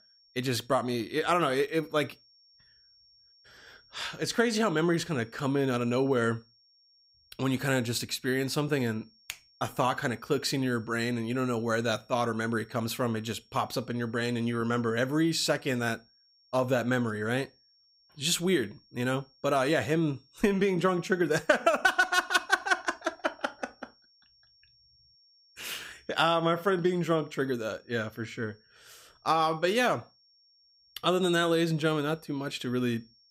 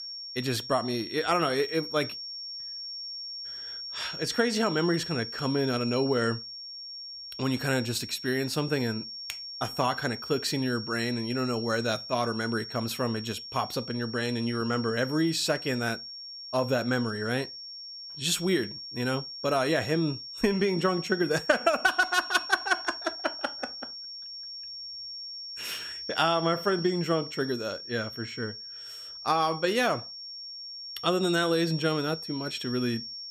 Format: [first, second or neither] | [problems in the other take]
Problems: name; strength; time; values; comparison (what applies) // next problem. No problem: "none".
first | high-pitched whine; loud; throughout; 5.5 kHz, 8 dB below the speech; faint in the first